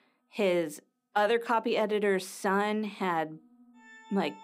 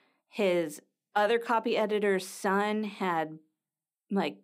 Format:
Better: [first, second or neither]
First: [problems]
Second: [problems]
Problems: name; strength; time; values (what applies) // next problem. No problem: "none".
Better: second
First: background music; faint; throughout; 25 dB below the speech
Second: none